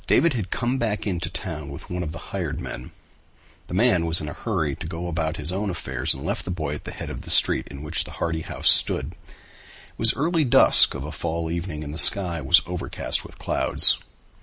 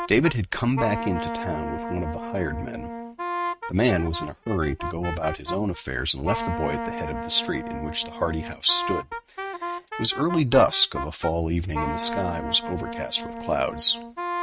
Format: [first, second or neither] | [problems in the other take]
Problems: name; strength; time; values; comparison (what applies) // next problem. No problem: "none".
first | noise reduction (neural mask model RNNoise)